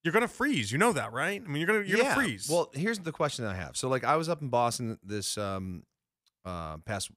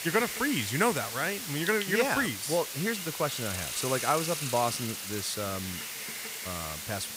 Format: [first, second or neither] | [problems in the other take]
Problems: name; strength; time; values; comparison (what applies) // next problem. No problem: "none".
first | hiss; loud; throughout; 4 dB below the speech